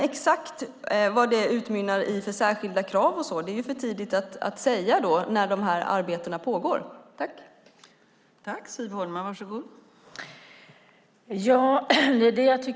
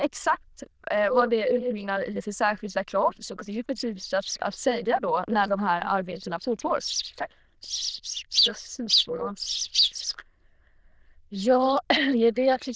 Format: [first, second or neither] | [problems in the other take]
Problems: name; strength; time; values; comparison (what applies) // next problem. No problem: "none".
first | noise reduction (neural diffusion model UNIVERSE++)